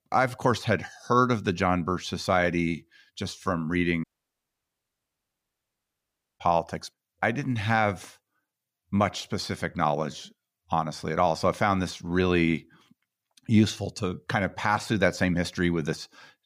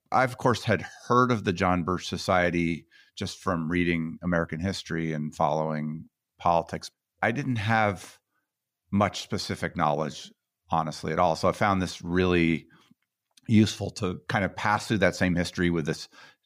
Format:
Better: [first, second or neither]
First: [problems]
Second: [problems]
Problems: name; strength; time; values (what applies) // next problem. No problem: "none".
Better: second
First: audio cutting out; at 4 s for 2.5 s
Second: none